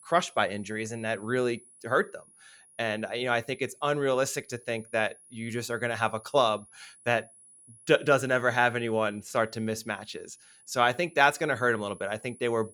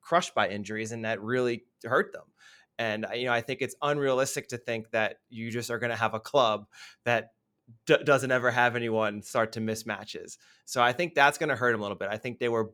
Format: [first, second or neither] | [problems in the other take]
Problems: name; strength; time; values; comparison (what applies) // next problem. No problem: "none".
second | high-pitched whine; faint; throughout; 10.5 kHz, 25 dB below the speech